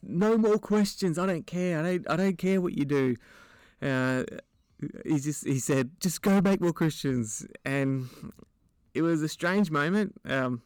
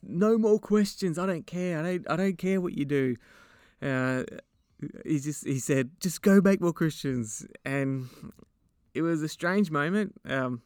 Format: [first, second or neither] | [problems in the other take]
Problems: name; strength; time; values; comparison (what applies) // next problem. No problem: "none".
second | distortion; slight; 6% of the sound clipped